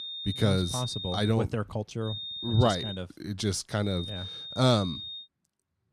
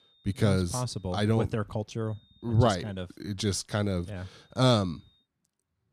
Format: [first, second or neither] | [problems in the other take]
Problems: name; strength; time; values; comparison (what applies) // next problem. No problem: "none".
second | high-pitched whine; loud; until 1.5 s, at 2 s and from 4 to 5 s; 3.5 kHz, 7 dB below the speech; faint in the second